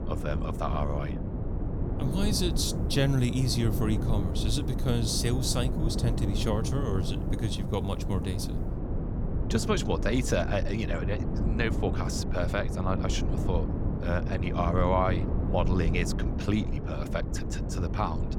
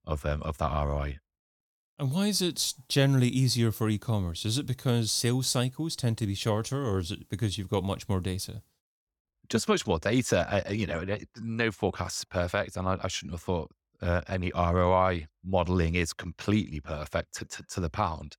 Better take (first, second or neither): second